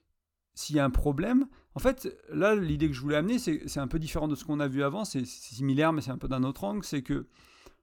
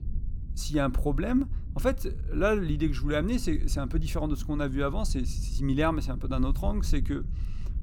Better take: first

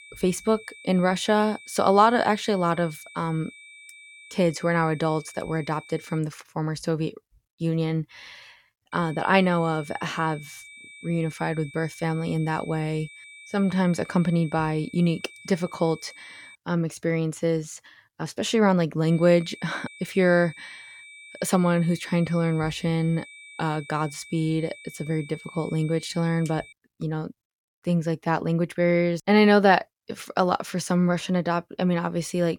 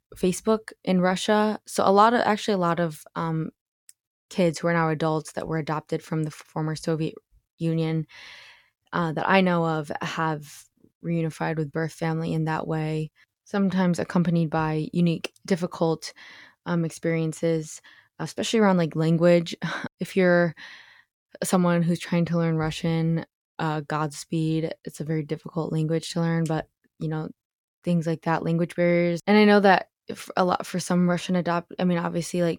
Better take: second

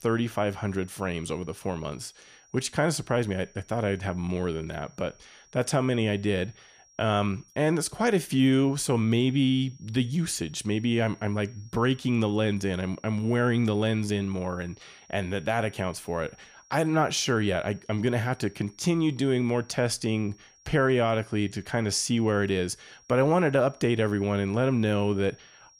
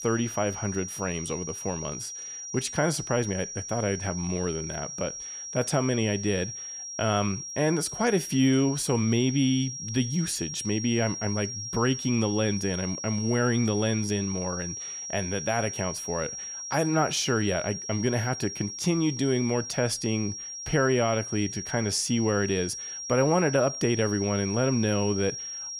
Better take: first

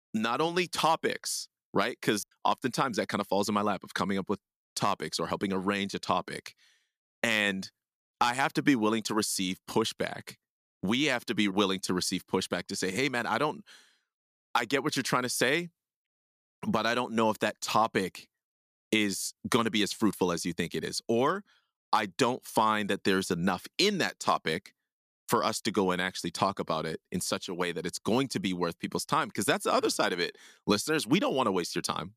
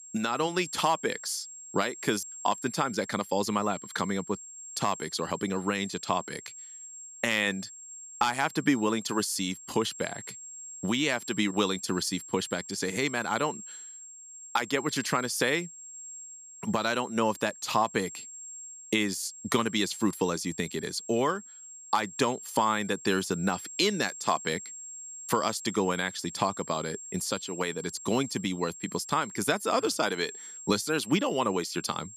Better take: first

